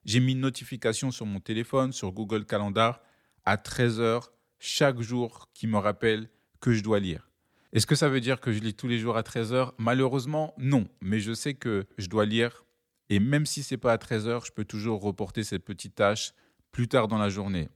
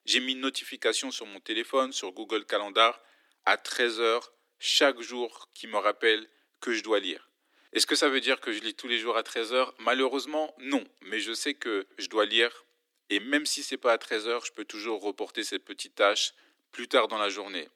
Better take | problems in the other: first | thin; somewhat; fading below 300 Hz

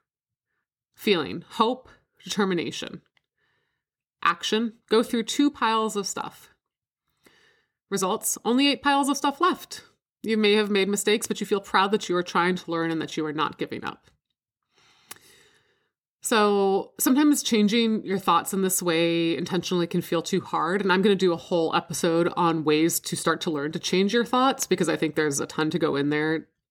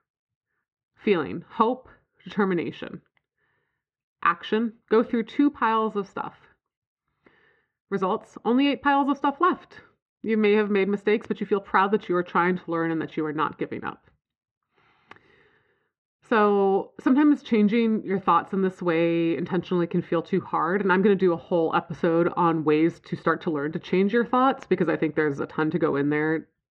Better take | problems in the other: first | muffled; very; fading above 2 kHz

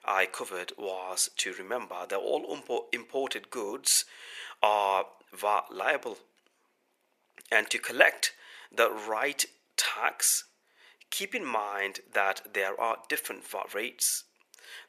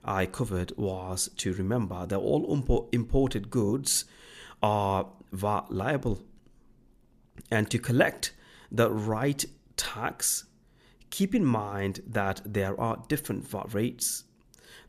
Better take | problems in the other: second | thin; very; fading below 500 Hz

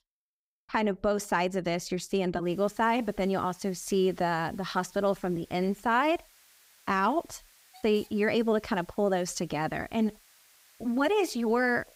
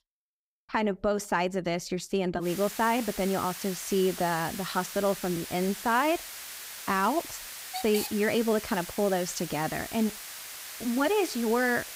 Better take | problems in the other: first | hiss; loud; from 2.5 s on; 9 dB below the speech; faint in the first

